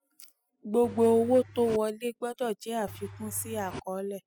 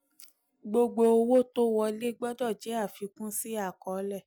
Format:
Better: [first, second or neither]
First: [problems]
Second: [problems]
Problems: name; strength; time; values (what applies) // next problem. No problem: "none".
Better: second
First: noise reduction (classical method spectral subtraction)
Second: none